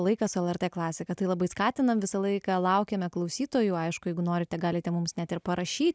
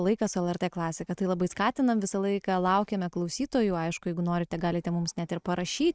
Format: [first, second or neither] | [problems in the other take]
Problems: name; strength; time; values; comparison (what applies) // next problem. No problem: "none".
first | noise reduction (neural mask model RNNoise)